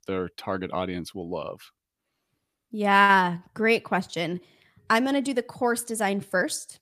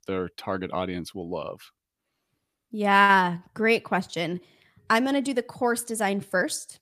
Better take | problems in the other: neither | none

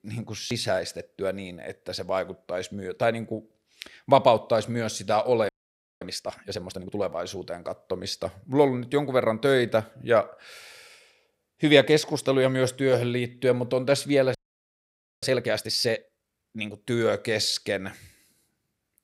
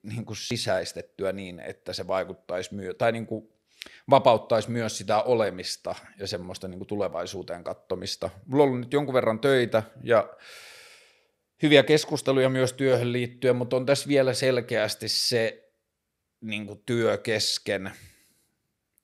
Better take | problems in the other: second | audio freezing; at 5.5 s for 0.5 s and at 14 s for 1 s

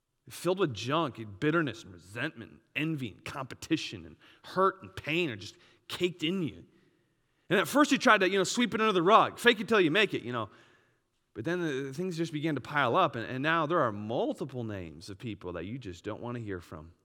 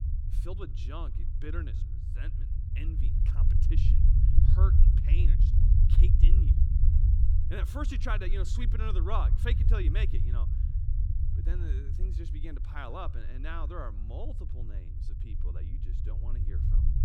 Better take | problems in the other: first | low rumble; loud; throughout; 5 dB below the speech

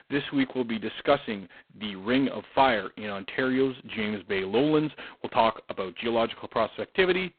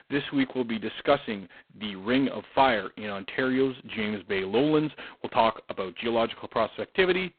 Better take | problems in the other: neither | phone-call audio; poor line; nothing above 4 kHz; the same in both

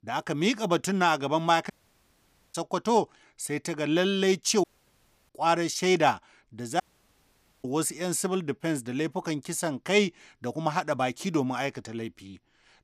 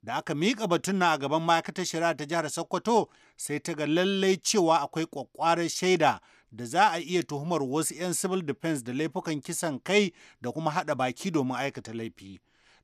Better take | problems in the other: second | audio cutting out; at 1.5 s for 1 s, at 4.5 s for 0.5 s and at 7 s for 1 s

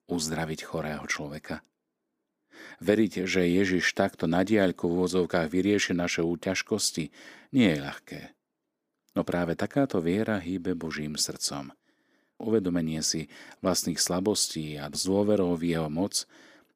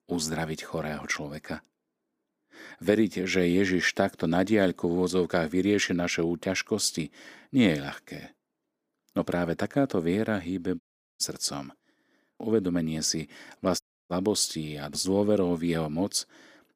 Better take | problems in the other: first | audio cutting out; at 11 s and at 14 s

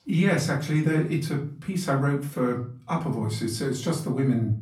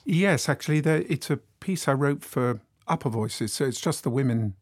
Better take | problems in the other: second | off-mic speech; far // room echo; slight; dies away in 0.4 s

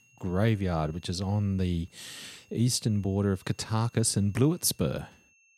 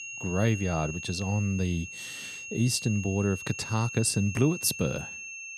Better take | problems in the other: first | high-pitched whine; loud; throughout; 2.5 kHz, 9 dB below the speech; faint in the first

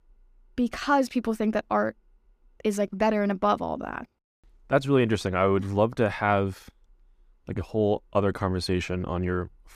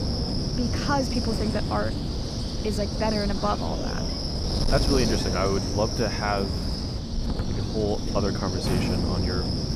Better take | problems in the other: first | wind noise on the microphone; heavy; 2 dB below the speech

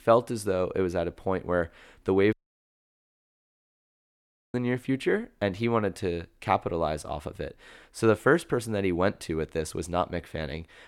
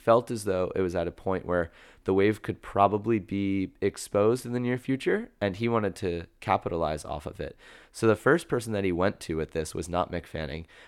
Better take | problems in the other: second | audio cutting out; at 2.5 s for 2 s

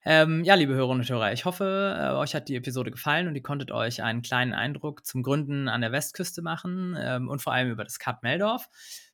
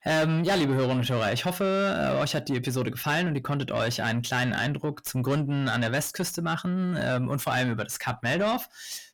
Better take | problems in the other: first | distortion; heavy; 6 dB below the speech

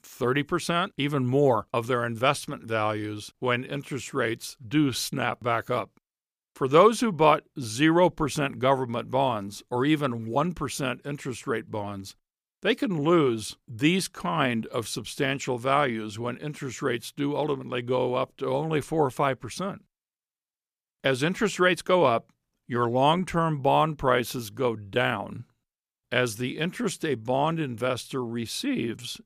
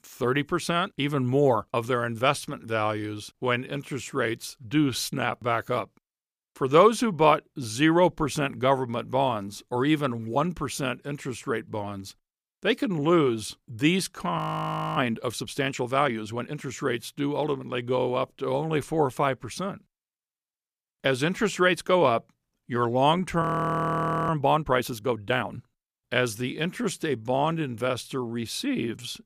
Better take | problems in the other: first | audio freezing; at 14 s for 0.5 s and at 23 s for 1 s

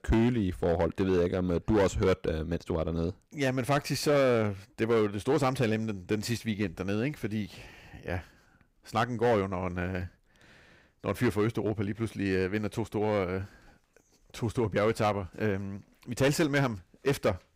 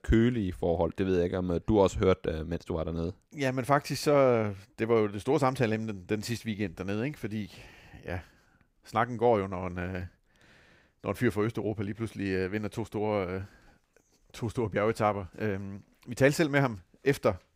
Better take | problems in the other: second | distortion; slight; 5% of the sound clipped

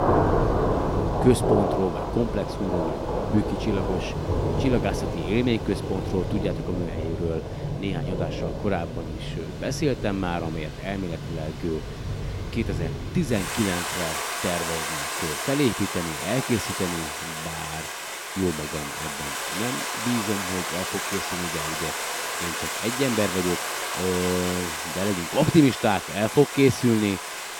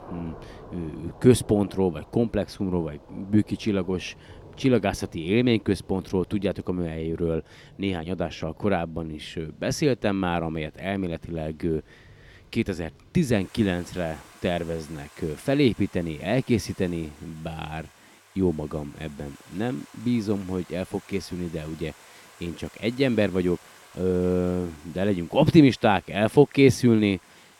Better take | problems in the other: second | rain or running water; loud; throughout; 2 dB below the speech; faint in the second

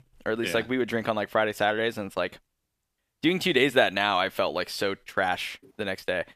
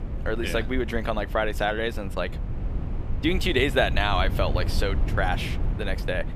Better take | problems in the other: first | wind noise on the microphone; occasional gusts; 15 dB below the speech

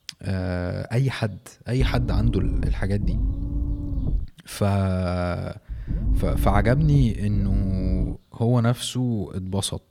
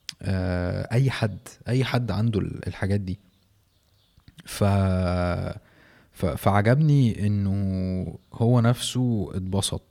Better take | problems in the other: second | low rumble; noticeable; from 2 to 4.5 s and from 5.5 to 8 s; 10 dB below the speech

